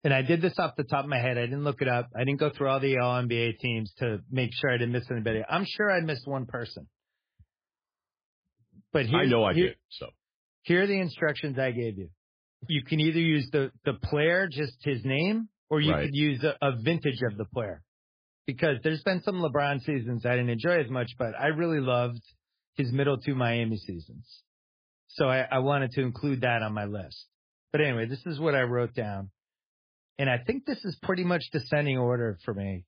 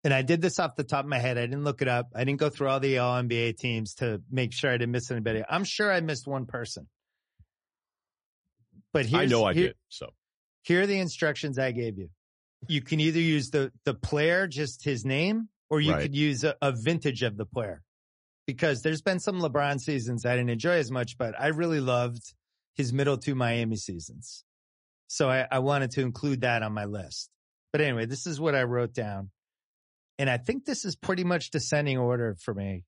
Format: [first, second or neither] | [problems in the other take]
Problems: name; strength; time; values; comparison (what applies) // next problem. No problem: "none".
second | garbled, watery; badly; nothing above 5 kHz; slightly in the second